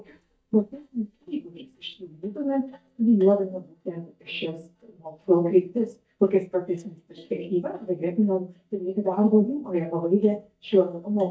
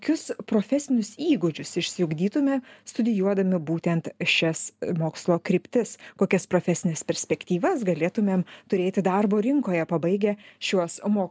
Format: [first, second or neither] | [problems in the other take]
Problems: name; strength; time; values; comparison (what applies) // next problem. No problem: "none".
second | noise reduction (neural mask model DeepFilterNet 3)